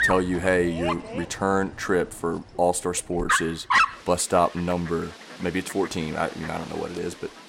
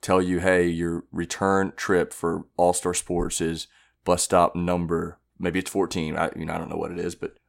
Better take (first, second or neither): second